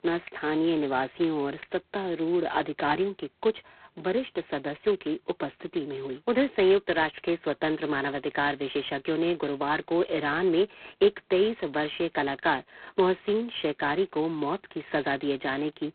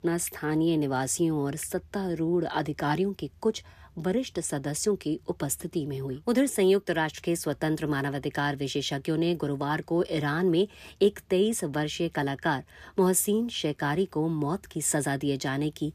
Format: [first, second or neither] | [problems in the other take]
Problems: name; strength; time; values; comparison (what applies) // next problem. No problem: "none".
second | phone-call audio; poor line; nothing above 4 kHz